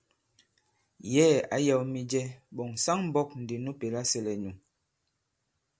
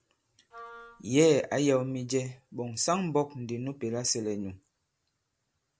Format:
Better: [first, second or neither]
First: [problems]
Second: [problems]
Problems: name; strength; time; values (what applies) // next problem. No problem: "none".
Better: first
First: none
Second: background sound (Wind instrument, woodwind instrument); 19 dB below the speech